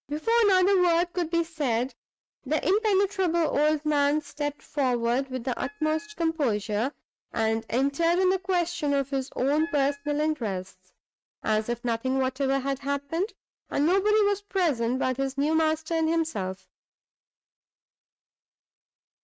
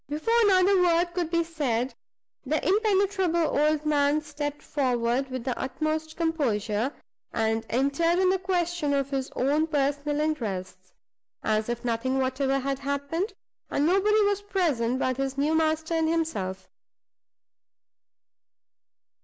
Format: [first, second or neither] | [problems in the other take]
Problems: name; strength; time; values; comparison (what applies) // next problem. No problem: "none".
second | noise reduction (neural mask model RNNoise)